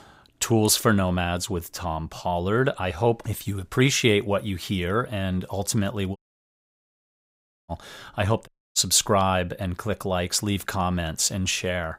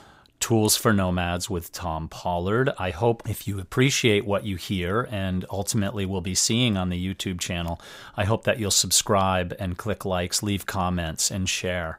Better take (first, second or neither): second